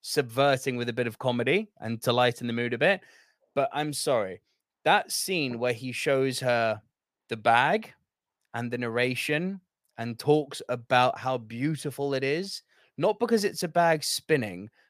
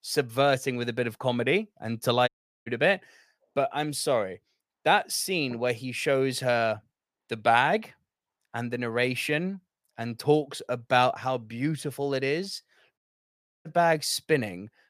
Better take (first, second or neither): first